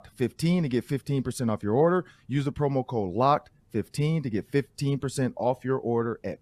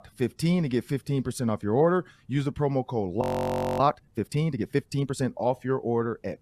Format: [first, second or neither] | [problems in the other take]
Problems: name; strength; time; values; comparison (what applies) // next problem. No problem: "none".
first | audio freezing; at 3 s for 0.5 s